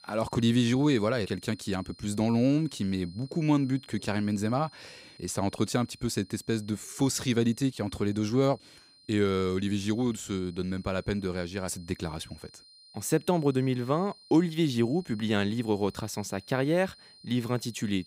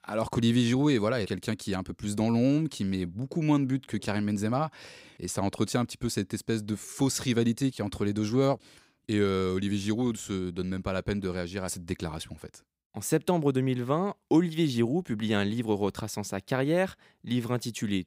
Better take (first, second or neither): second